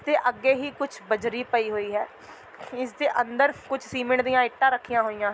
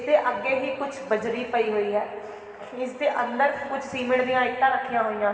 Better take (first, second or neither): first